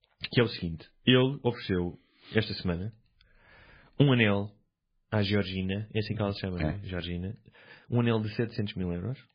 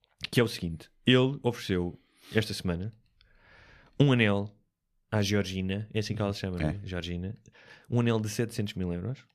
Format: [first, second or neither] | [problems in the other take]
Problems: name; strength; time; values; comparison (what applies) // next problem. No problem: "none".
second | garbled, watery; badly; nothing above 4.5 kHz